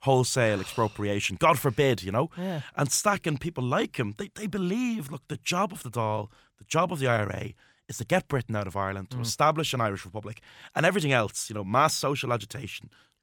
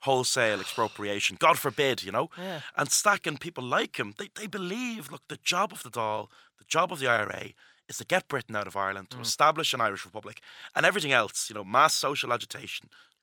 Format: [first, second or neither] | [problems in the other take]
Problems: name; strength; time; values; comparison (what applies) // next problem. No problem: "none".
first | thin; somewhat; fading below 500 Hz